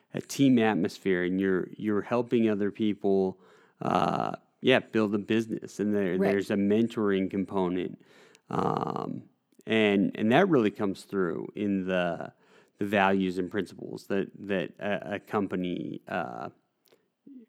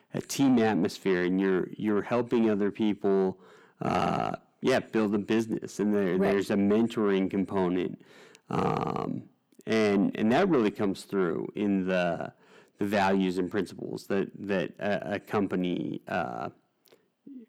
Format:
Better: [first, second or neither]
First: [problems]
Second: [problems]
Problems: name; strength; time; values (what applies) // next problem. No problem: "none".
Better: first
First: none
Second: distortion; slight; 10 dB below the speech